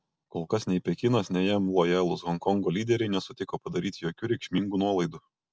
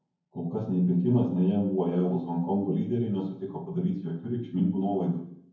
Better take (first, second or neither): first